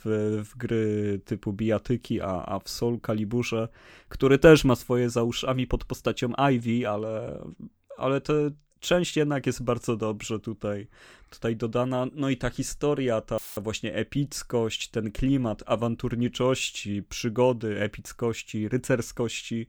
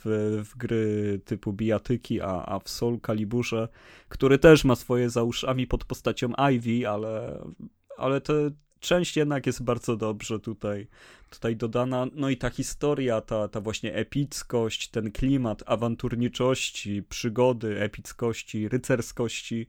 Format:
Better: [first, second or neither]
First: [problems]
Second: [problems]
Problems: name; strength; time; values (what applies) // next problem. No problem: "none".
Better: second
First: audio cutting out; filled with static; at 13 s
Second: none